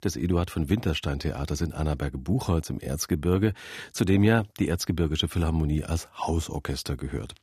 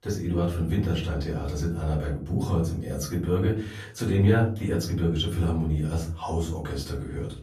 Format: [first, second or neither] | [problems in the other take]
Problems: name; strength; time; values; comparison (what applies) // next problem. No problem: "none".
first | off-mic speech; far // room echo; slight; dies away in 0.4 s